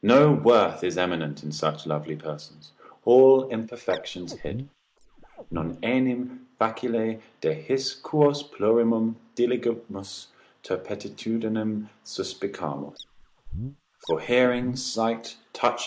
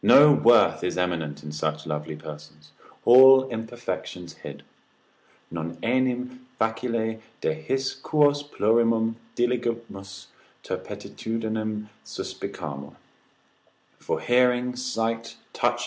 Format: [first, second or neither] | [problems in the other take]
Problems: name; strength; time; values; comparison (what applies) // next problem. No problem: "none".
second | noise reduction (neural mask model Resemble Enhance denoiser)